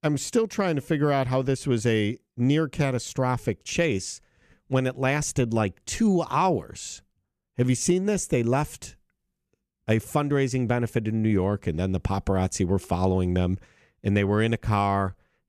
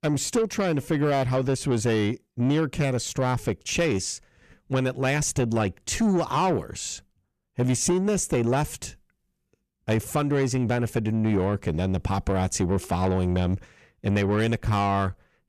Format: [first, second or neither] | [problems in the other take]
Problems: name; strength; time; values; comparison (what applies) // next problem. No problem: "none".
first | distortion; slight; 10 dB below the speech